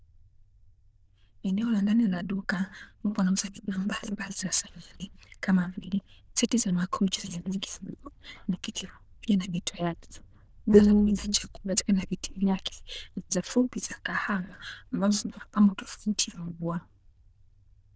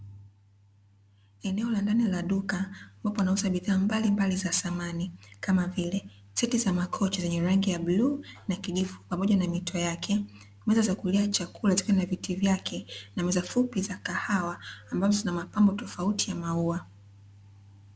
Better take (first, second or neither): second